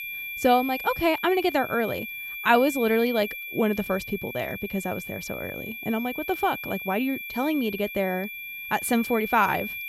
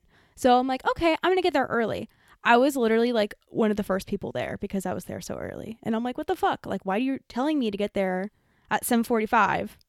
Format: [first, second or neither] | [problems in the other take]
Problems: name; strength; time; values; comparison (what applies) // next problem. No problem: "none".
second | high-pitched whine; loud; throughout; 2.5 kHz, 8 dB below the speech